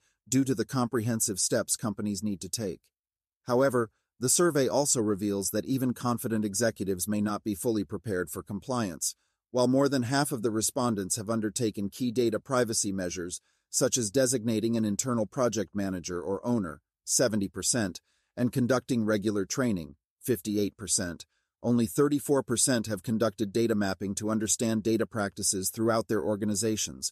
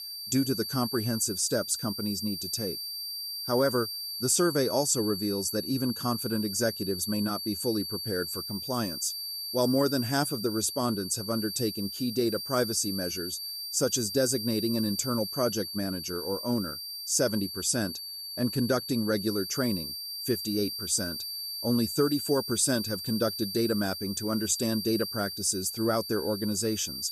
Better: first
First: none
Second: high-pitched whine; loud; throughout; 4.5 kHz, 5 dB below the speech

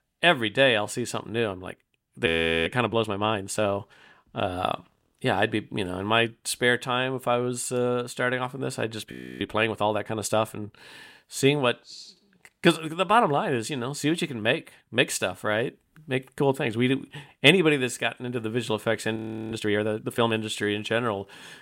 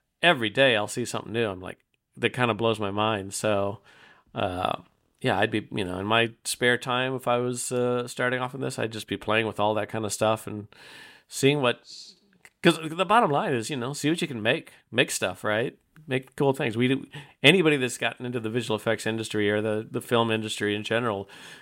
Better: second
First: audio freezing; at 2.5 s, at 9 s and at 19 s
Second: none

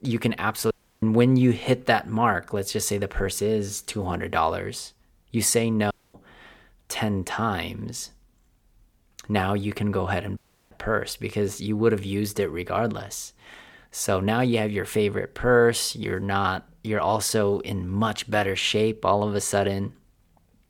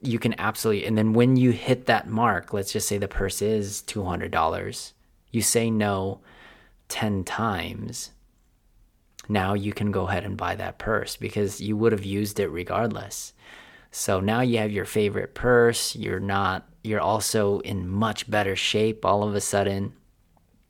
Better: second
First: audio cutting out; at 0.5 s, at 6 s and at 10 s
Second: none

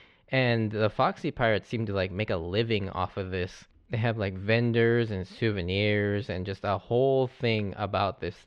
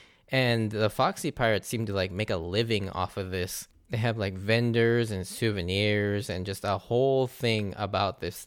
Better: second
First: muffled; very slightly; fading above 3.5 kHz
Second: none

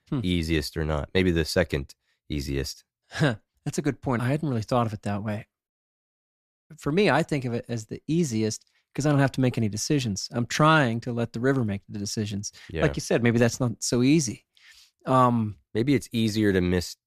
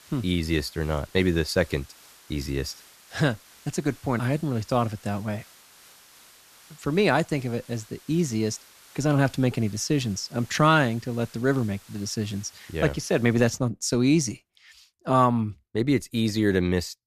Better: first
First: none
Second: hiss; faint; until 14 s; 25 dB below the speech

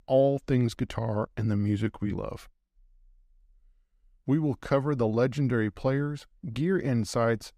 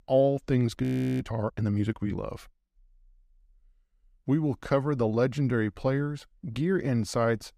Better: first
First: none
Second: audio freezing; at 1 s

